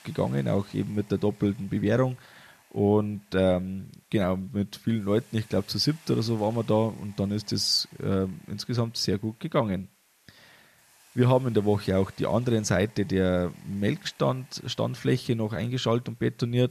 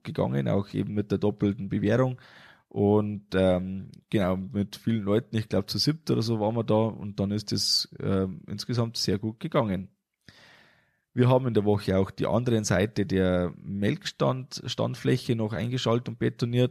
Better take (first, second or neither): second